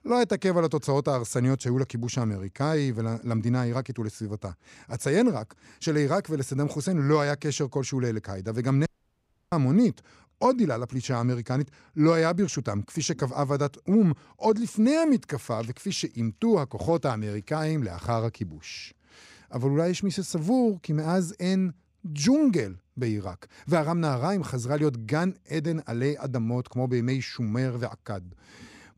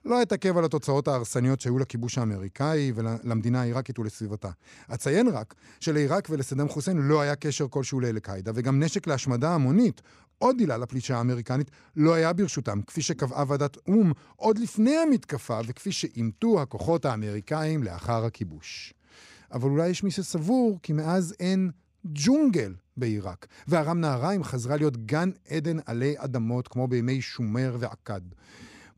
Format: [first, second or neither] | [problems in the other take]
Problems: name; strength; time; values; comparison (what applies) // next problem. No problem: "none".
second | audio cutting out; at 9 s for 0.5 s